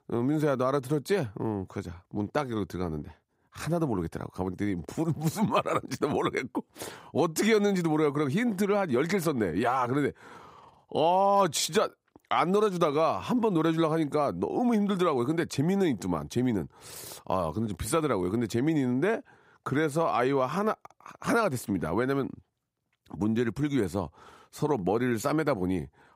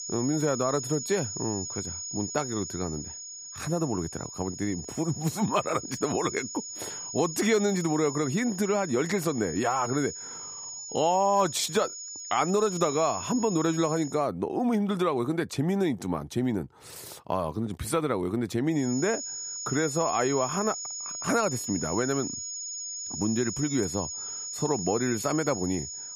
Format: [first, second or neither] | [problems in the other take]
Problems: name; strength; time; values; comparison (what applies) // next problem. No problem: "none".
first | high-pitched whine; loud; until 14 s and from 19 s on; 6.5 kHz, 7 dB below the speech